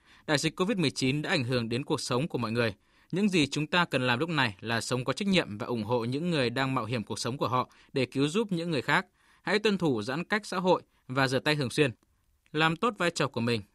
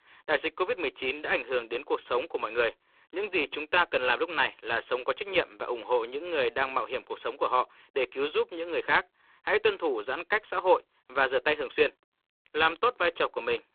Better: first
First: none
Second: phone-call audio; poor line; nothing above 3.5 kHz

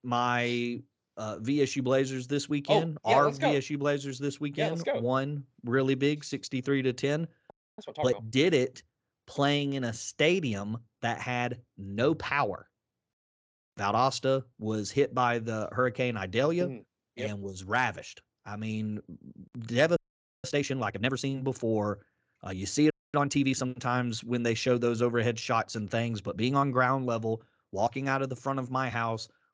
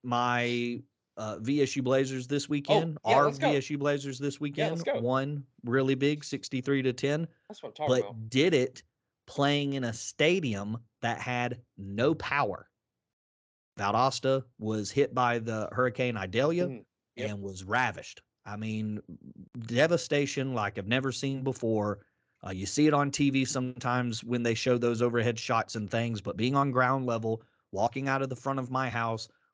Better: second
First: audio freezing; at 7.5 s, at 20 s and at 23 s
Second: none

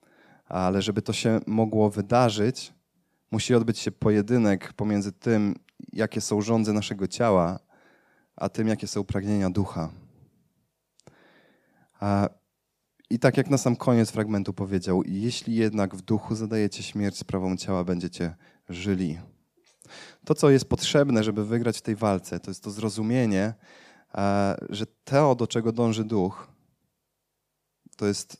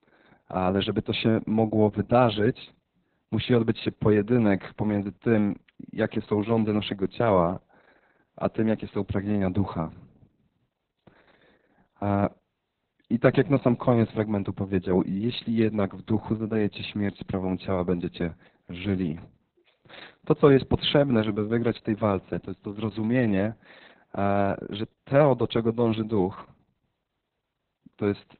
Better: first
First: none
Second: garbled, watery; badly; nothing above 4 kHz

